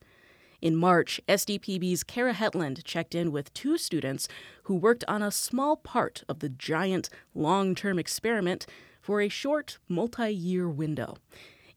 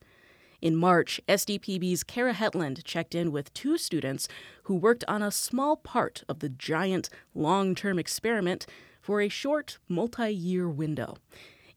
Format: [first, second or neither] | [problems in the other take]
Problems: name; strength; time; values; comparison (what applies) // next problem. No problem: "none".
neither | none